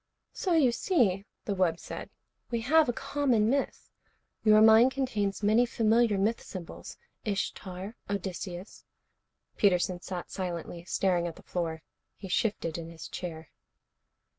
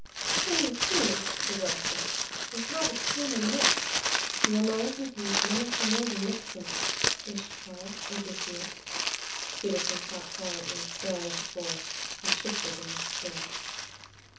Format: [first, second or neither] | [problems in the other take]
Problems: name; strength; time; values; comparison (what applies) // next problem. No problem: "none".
first | background sound (Crumpling, crinkling); 4 dB above the speech // room echo; dies away in 0.7 s